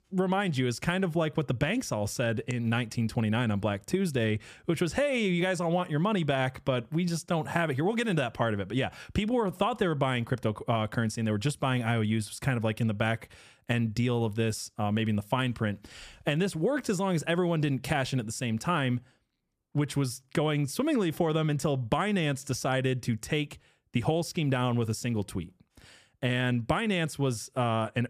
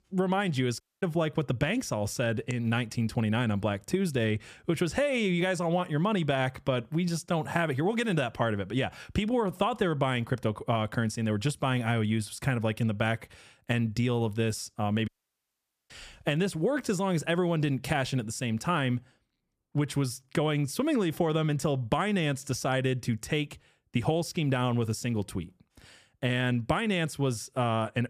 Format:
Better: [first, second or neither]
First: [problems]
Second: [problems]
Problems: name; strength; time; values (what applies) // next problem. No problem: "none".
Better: first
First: none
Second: audio cutting out; at 1 s and at 15 s for 1 s